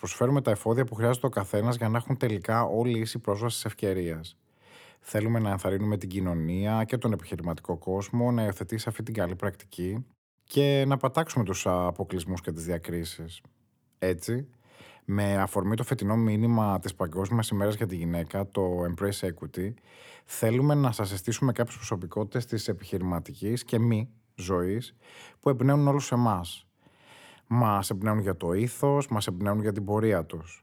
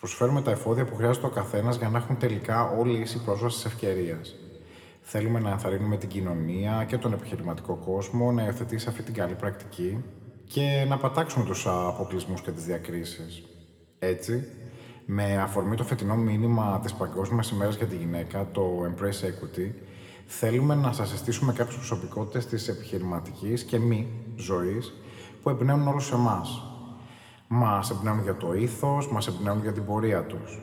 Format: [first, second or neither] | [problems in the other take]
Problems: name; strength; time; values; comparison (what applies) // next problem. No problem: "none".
first | room echo; very slight; dies away in 1.7 s